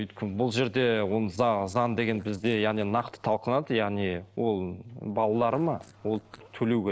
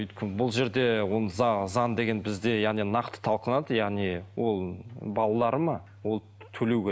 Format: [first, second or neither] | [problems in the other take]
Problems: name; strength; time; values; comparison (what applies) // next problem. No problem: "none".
second | noise reduction (neural separator model SepFormer DNS4)